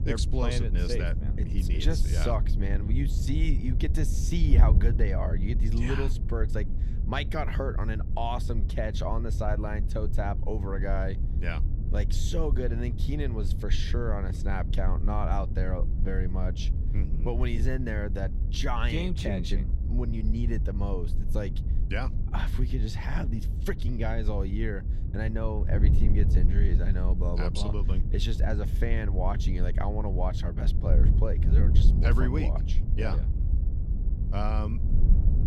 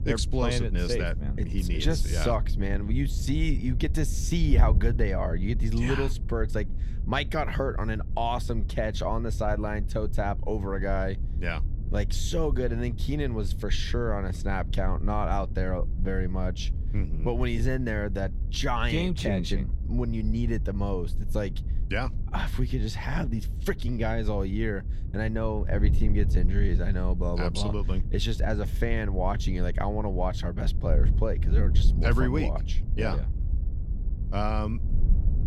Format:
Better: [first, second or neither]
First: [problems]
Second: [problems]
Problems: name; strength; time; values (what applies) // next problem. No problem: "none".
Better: second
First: wind noise on the microphone; heavy; 9 dB below the speech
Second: wind noise on the microphone; occasional gusts; 15 dB below the speech